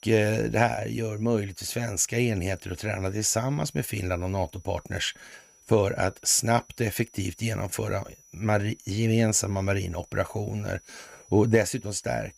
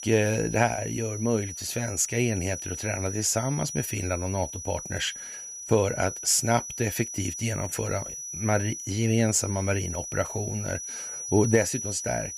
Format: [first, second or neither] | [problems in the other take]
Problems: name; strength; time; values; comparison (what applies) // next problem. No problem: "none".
first | high-pitched whine; loud; throughout; 6 kHz, 7 dB below the speech; faint in the first